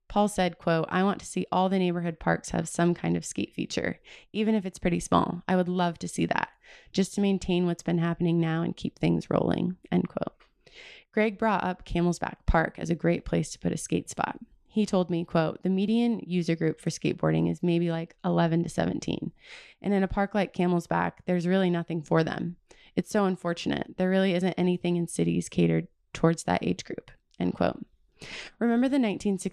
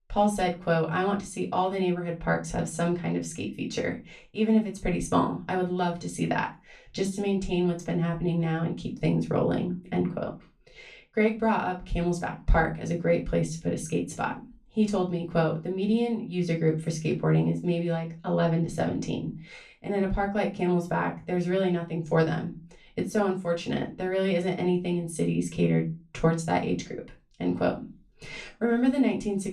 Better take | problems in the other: first | off-mic speech; far // room echo; very slight; dies away in 0.2 s

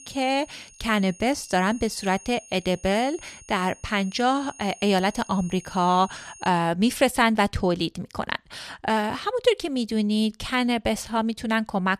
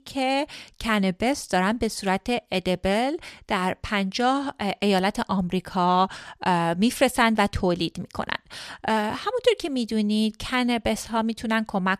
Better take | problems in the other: second | high-pitched whine; faint; until 6.5 s; 6.5 kHz, 20 dB below the speech

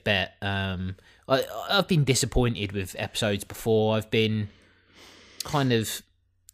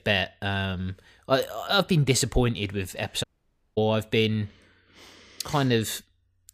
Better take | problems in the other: first | audio cutting out; at 3 s for 0.5 s

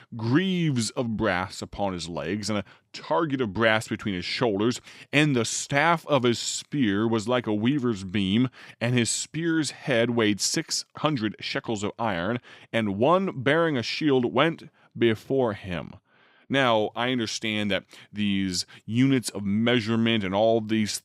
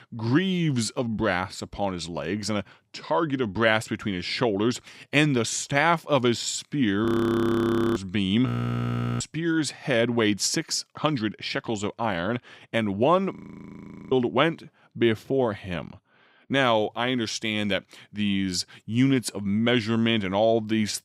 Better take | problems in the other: first | audio freezing; at 7 s for 1 s, at 8.5 s for 0.5 s and at 13 s for 1 s

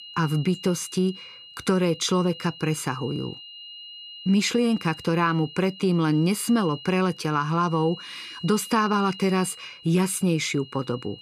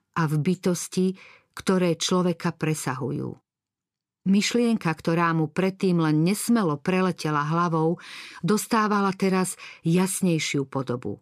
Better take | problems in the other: second | high-pitched whine; noticeable; throughout; 3 kHz, 15 dB below the speech

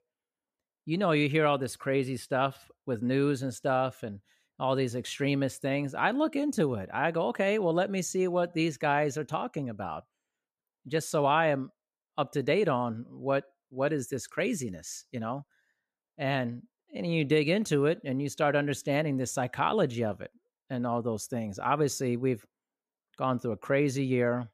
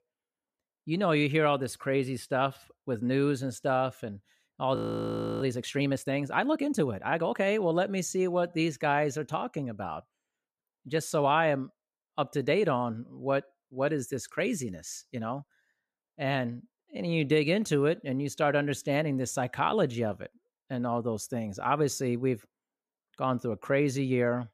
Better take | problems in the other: first | audio freezing; at 5 s for 0.5 s

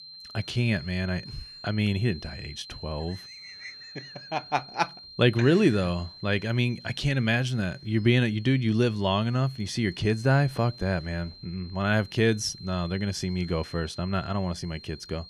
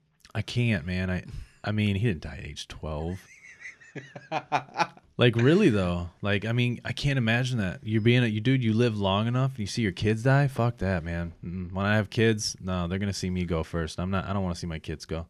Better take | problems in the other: second | high-pitched whine; noticeable; throughout; 4 kHz, 15 dB below the speech

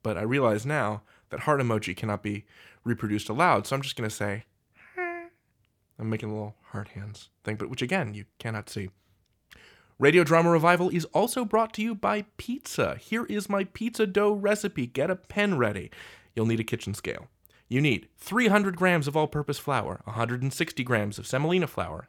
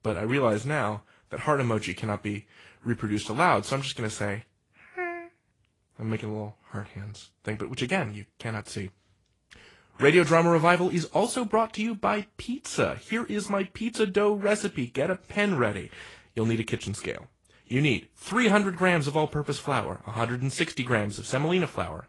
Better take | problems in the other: first | garbled, watery; slightly; nothing above 10.5 kHz

